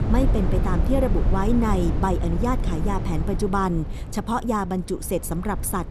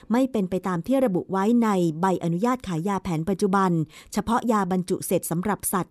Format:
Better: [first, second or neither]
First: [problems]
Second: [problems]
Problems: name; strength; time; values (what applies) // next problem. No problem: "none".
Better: second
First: low rumble; loud; throughout; 9 dB below the speech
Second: none